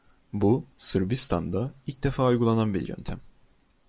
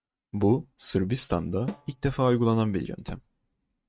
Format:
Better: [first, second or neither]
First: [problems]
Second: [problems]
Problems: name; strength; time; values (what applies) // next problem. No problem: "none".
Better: first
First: none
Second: noise reduction (neural mask model RNNoise)